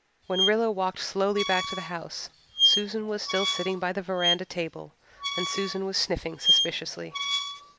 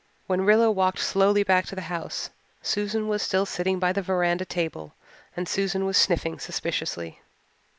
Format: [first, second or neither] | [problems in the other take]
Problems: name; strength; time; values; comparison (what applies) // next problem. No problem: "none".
second | background sound (Squeak); as loud as the speech